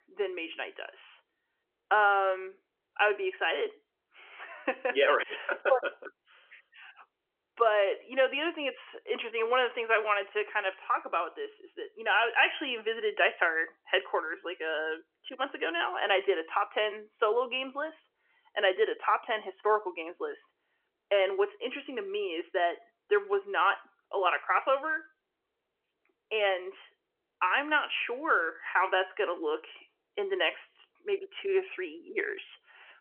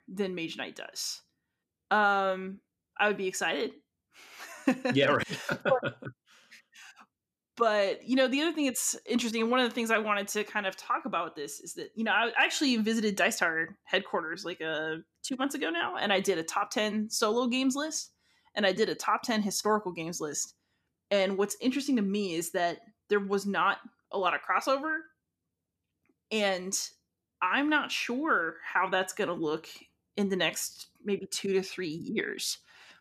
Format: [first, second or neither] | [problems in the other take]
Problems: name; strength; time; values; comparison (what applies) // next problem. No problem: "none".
second | phone-call audio; nothing above 3 kHz